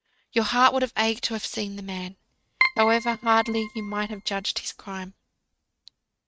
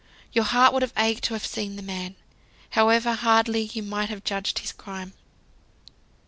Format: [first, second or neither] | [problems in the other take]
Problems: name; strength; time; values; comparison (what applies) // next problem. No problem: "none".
second | noise reduction (neural mask model RNNoise)